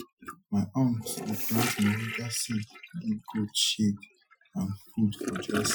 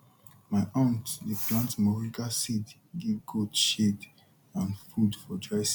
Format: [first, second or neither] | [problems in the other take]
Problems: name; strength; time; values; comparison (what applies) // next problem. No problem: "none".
second | noise reduction (classical method Wiener filter)